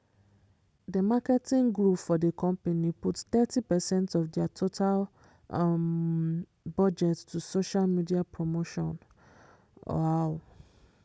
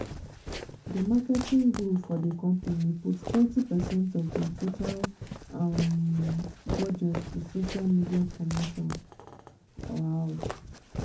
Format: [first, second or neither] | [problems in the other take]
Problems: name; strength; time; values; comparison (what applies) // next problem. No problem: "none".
first | background sound (Walk, footsteps); 9 dB below the speech // room echo; dies away in 0.3 s